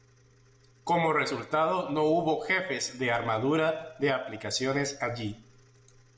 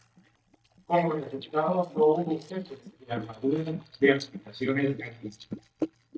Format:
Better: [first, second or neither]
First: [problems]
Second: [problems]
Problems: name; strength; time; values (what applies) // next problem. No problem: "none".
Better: first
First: none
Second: noise reduction (neural mask model DeepFilterNet 3)